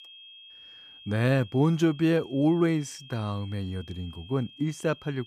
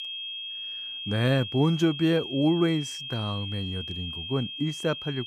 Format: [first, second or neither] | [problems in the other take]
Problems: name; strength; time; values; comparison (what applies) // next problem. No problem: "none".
first | high-pitched whine; loud; throughout; 3 kHz, 7 dB below the speech; faint in the first